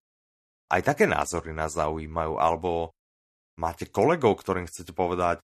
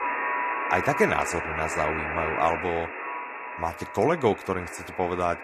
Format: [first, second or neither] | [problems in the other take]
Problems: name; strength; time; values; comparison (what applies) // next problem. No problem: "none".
first | alarms or sirens; loud; throughout; 3 dB below the speech